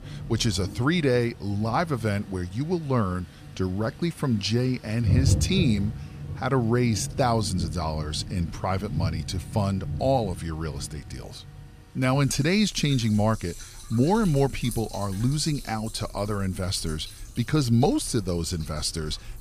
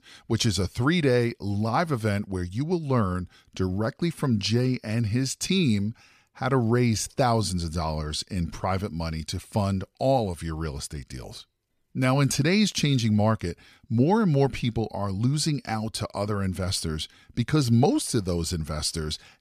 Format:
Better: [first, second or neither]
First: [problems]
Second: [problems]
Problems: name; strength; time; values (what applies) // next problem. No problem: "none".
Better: second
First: rain or running water; loud; throughout; 9 dB below the speech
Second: none